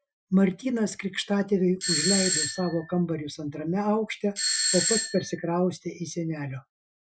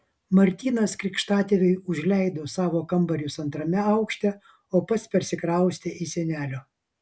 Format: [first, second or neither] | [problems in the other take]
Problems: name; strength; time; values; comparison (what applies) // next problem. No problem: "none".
second | noise reduction (classical method Wiener filter)